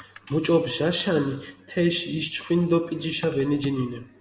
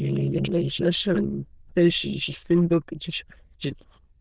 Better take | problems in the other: first | noise reduction (neural diffusion model UNIVERSE++)

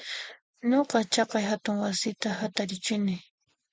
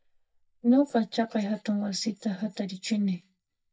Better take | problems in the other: first | noise reduction (neural mask model DeepFilterNet 3)

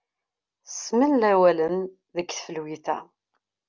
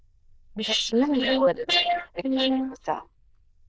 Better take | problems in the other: first | noise reduction (neural diffusion model UNIVERSE++)

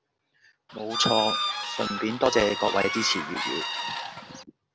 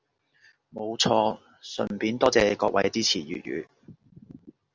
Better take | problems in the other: second | background sound (Bird / Fowl); 2 dB below the speech

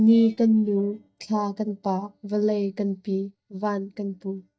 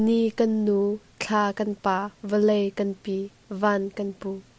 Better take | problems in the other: second | noise reduction (neural mask model DeepFilterNet 3)

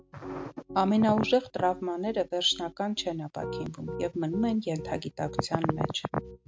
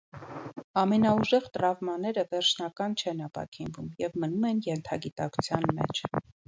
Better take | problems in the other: second | background sound (Piano); 13 dB below the speech

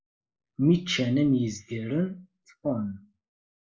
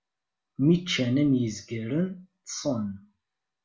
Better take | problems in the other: second | noise reduction (neural mask model Resemble Enhance denoiser)

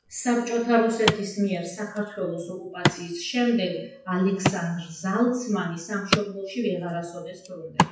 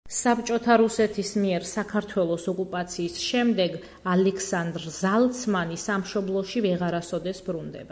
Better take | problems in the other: second | noise reduction (classical method WPE with log-MMSE)

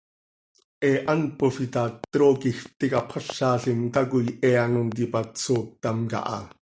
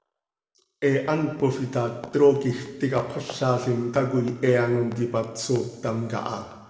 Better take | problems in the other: first | room echo; dies away in 1.4 s

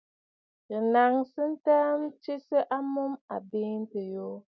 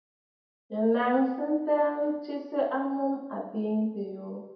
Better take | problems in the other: first | room echo; dies away in 0.9 s

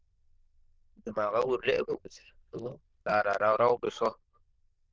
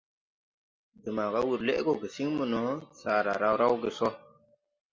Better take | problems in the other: second | noise reduction (neural diffusion model UNIVERSE++)

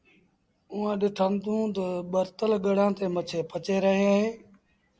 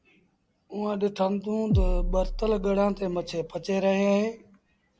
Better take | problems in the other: first | background sound (Bass drum); 1 dB below the speech

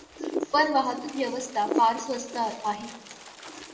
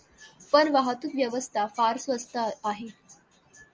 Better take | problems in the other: second | background sound (Wind); 8 dB below the speech // room echo; dies away in 0.9 s

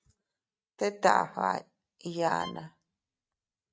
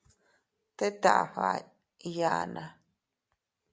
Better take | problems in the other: second | noise reduction (neural mask model RNNoise)

